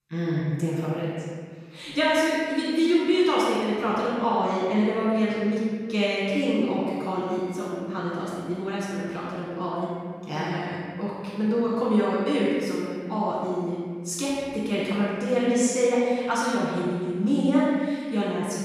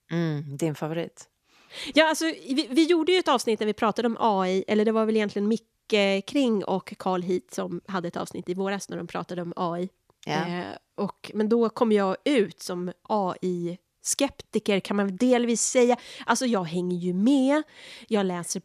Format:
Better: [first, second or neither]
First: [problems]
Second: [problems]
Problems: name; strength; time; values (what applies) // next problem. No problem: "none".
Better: second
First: off-mic speech; far // room echo; strong; dies away in 1.8 s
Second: none